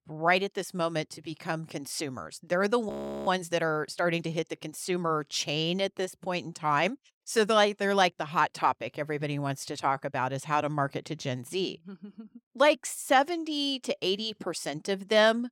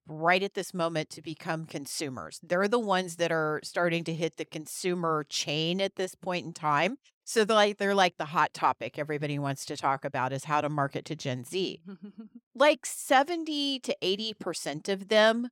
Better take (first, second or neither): second